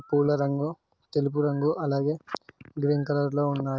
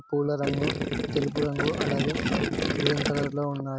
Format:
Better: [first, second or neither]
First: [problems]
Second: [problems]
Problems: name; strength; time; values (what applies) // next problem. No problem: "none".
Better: first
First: none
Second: background sound (Gurgling); 1 dB above the speech